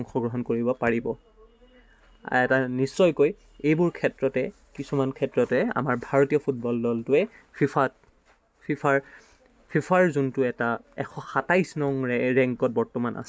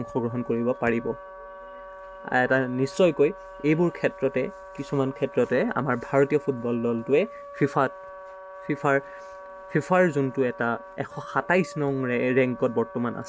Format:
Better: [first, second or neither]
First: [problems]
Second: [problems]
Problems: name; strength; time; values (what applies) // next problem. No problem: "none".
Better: first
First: none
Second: background sound (Wind instrument, woodwind instrument); 16 dB below the speech